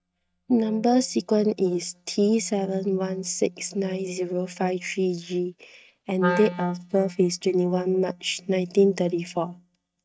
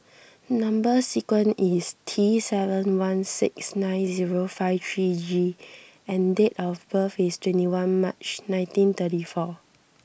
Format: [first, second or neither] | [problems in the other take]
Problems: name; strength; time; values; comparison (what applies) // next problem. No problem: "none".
second | noise reduction (neural mask model DeepFilterNet 3)